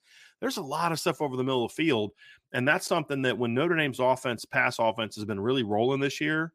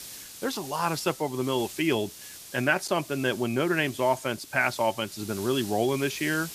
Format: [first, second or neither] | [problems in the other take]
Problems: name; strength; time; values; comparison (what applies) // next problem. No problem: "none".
first | hiss; noticeable; throughout; 15 dB below the speech